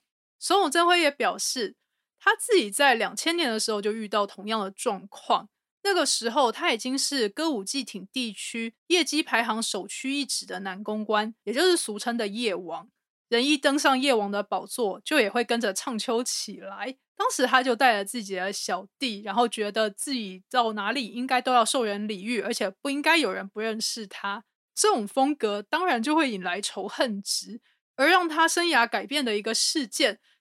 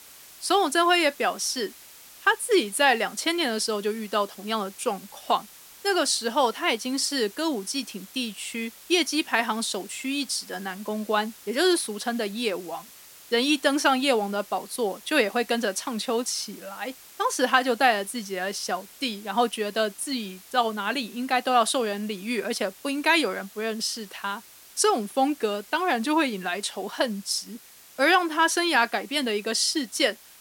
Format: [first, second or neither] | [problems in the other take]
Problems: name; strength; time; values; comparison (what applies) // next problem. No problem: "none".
first | hiss; faint; throughout; 20 dB below the speech